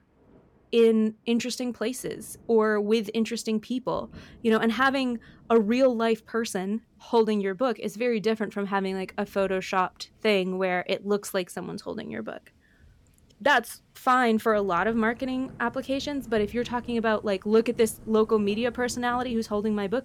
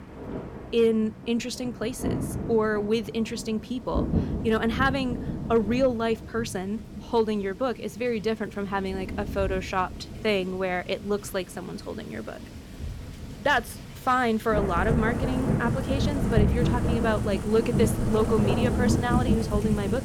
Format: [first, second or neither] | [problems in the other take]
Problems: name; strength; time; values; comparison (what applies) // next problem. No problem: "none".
first | rain or running water; loud; throughout; 2 dB below the speech; faint in the first